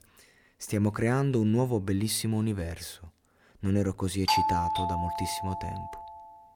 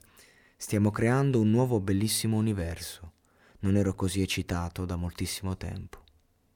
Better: second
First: doorbell; loud; from 4.5 to 6 s; peak 4 dB above the speech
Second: none

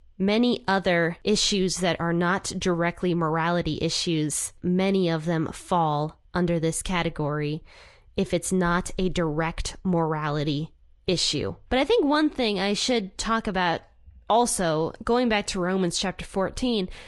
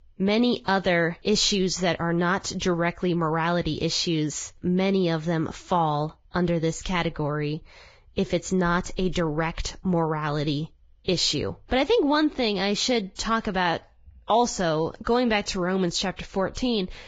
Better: first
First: garbled, watery; slightly; nothing above 10.5 kHz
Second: garbled, watery; badly; nothing above 7.5 kHz

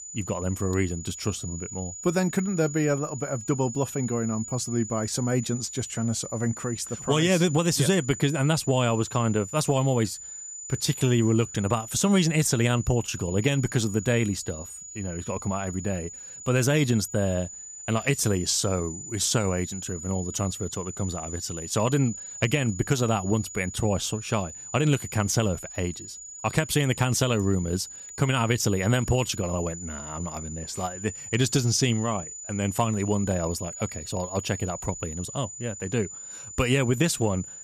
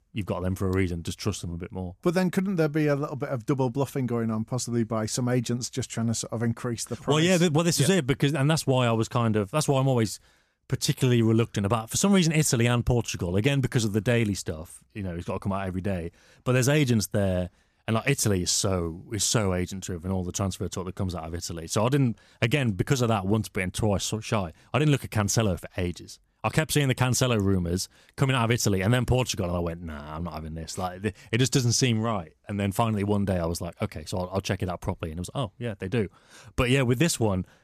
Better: second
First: high-pitched whine; noticeable; throughout; 7 kHz, 10 dB below the speech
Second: none

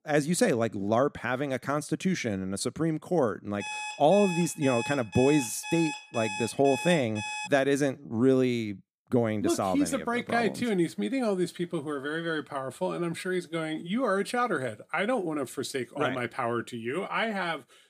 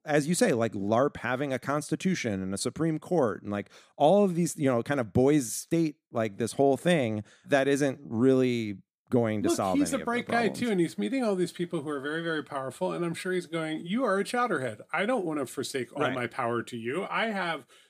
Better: second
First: alarm; noticeable; from 3.5 to 7.5 s; peak 6 dB below the speech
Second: none

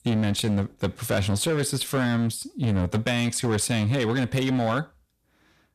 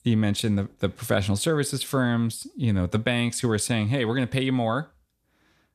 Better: second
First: distortion; slight; 16% of the sound clipped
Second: none

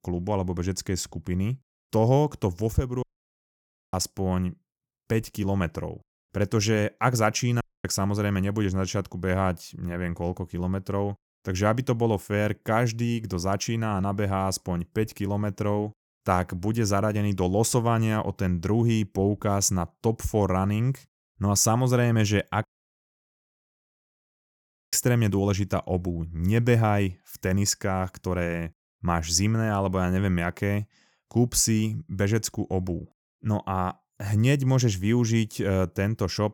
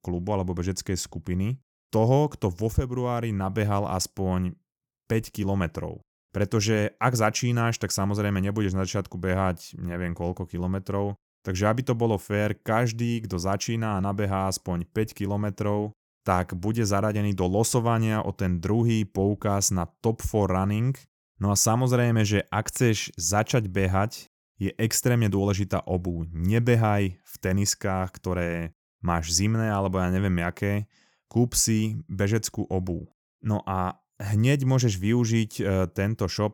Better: second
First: audio cutting out; at 3 s for 1 s, at 7.5 s and at 23 s for 2.5 s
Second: none

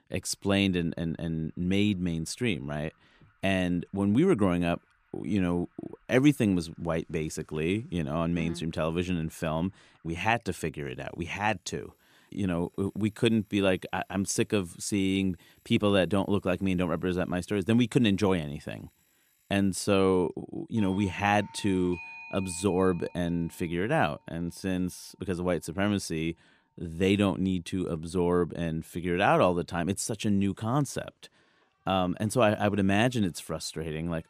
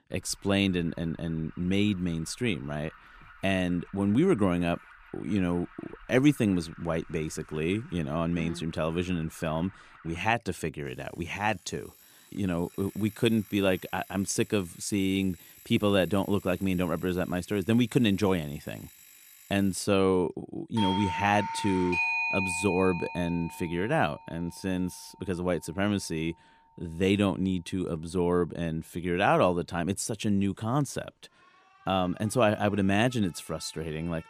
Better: first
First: alarms or sirens; faint; throughout; 25 dB below the speech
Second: alarms or sirens; loud; throughout; 7 dB below the speech

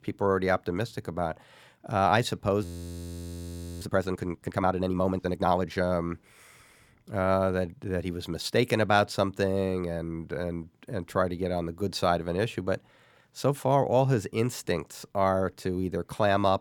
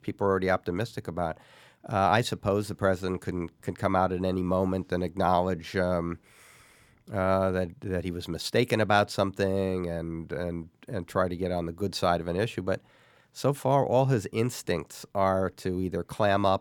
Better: second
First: audio freezing; at 2.5 s for 1 s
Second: none

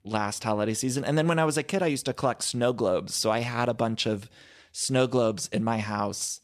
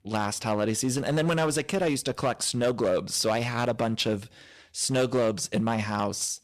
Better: first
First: none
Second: distortion; slight; 7% of the sound clipped

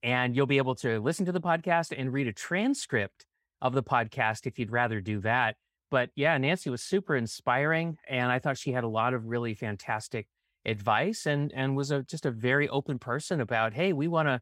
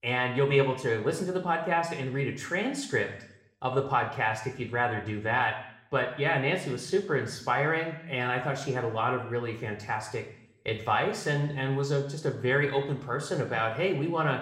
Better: first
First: none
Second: room echo; slight; dies away in 0.7 s

